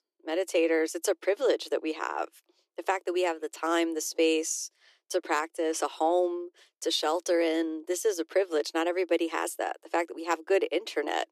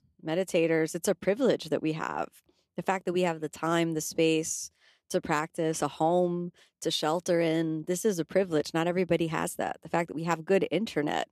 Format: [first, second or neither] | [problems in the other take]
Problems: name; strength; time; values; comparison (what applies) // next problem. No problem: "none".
second | thin; very; fading below 350 Hz